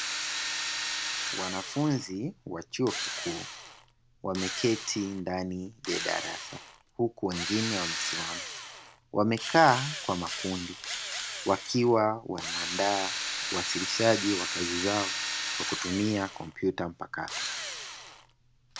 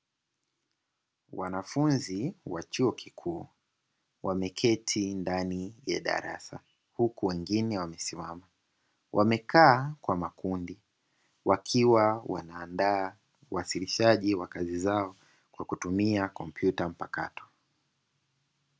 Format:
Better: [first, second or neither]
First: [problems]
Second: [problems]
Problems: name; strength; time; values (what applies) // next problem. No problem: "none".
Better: second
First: background sound (Drill); 5 dB below the speech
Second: none